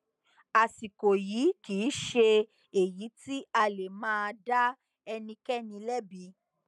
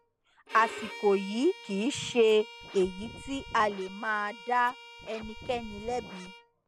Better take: first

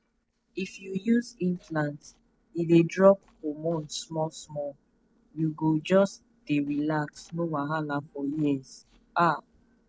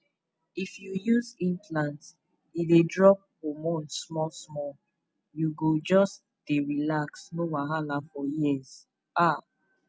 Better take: second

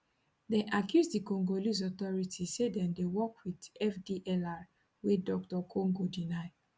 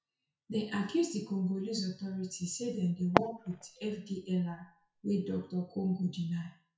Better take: first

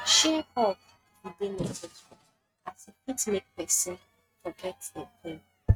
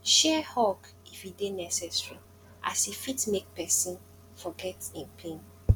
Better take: second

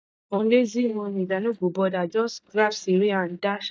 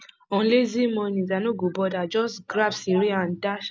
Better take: second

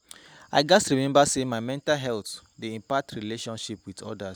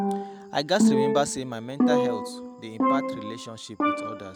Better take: first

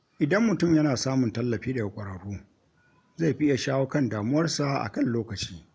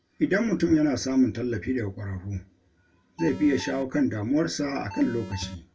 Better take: first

